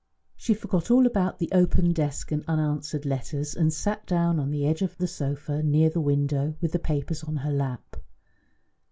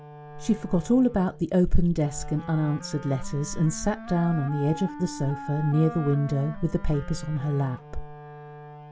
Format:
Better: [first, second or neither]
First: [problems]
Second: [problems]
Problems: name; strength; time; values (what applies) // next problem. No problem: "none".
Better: first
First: none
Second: background sound (Wind instrument, woodwind instrument); 15 dB below the speech